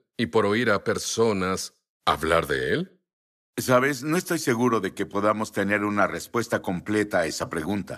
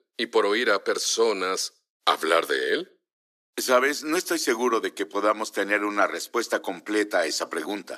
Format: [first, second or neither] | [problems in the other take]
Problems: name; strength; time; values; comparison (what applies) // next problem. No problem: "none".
first | thin; somewhat; fading below 350 Hz